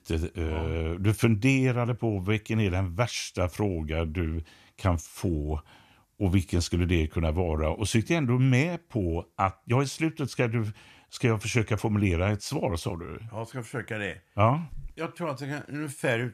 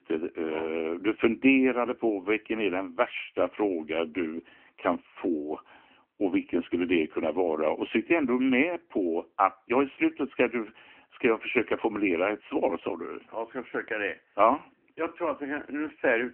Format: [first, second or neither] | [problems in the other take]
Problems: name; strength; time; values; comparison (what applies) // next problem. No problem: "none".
first | phone-call audio